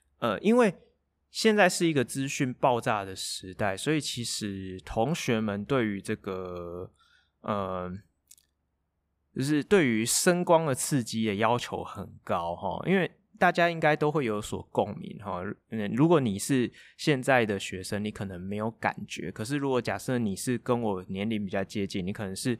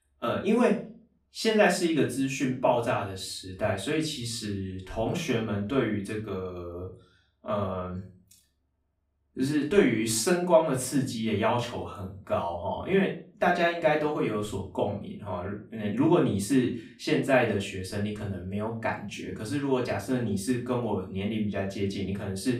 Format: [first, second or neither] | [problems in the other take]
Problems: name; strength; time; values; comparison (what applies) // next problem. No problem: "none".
first | off-mic speech; far // room echo; slight; dies away in 0.3 s